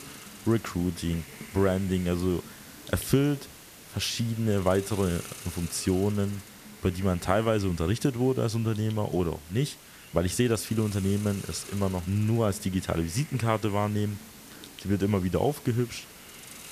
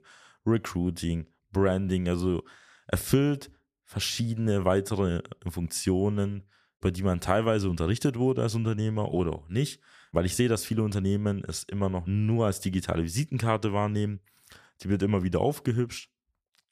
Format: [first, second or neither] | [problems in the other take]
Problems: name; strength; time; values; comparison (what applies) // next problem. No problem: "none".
second | hiss; noticeable; throughout; 15 dB below the speech